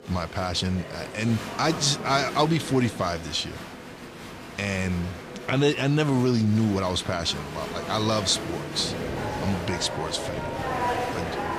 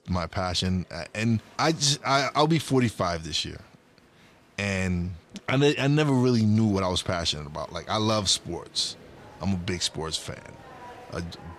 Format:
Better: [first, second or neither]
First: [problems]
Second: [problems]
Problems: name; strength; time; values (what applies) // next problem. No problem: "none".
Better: second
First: crowd noise; loud; throughout; 8 dB below the speech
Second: crowd noise; faint; throughout; 25 dB below the speech